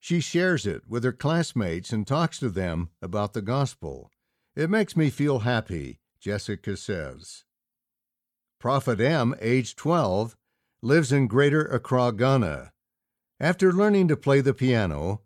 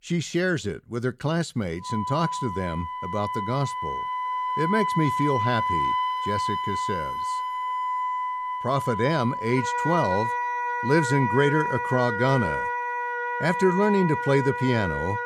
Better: first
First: none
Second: background music; loud; throughout; 2 dB below the speech

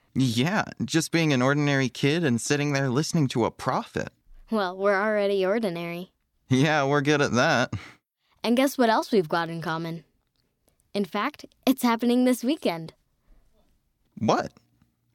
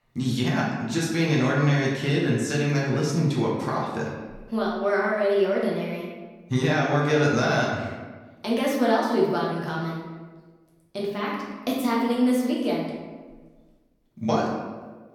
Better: first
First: none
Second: room echo; noticeable; dies away in 1.1 s // off-mic speech; far

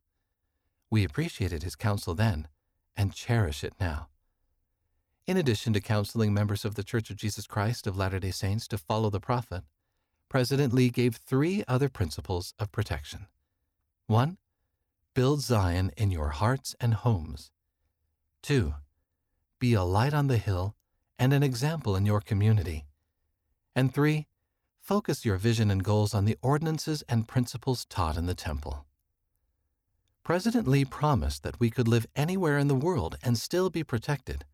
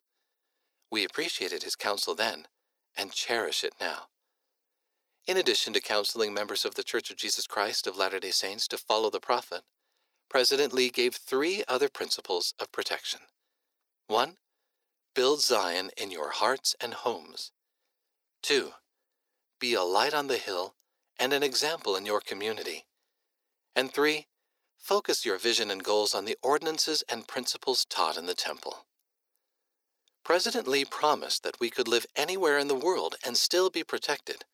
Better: first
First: none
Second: thin; very; fading below 400 Hz

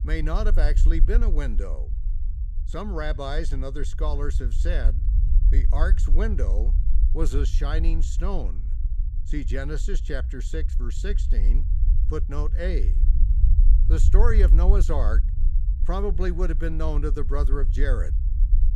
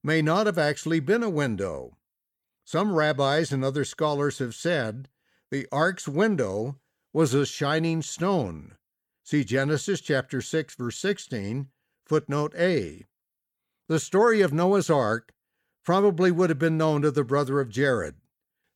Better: second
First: low rumble; noticeable; throughout; 15 dB below the speech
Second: none

